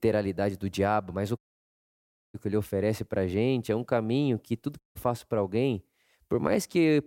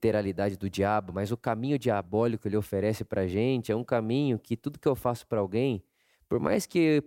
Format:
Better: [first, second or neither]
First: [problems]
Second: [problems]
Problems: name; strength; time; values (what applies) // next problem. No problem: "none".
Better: second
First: audio cutting out; at 1.5 s for 1 s and at 5 s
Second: none